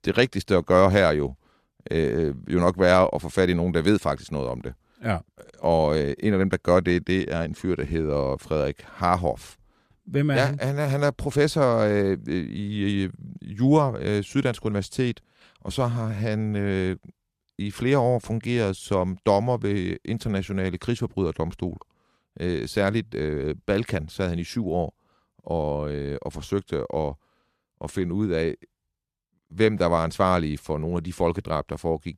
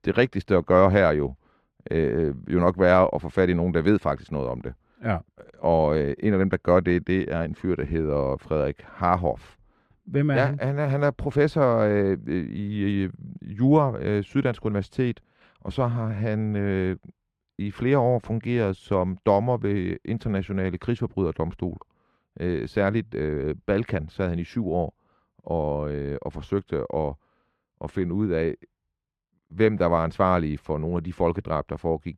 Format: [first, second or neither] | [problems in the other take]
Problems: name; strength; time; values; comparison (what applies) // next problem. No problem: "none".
first | muffled; slightly; fading above 4 kHz